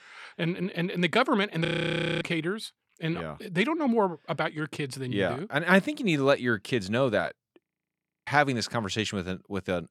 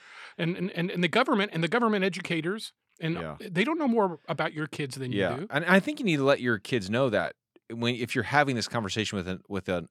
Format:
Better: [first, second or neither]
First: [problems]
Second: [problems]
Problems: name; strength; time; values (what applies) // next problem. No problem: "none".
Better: second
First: audio freezing; at 1.5 s for 0.5 s and at 7.5 s for 0.5 s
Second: none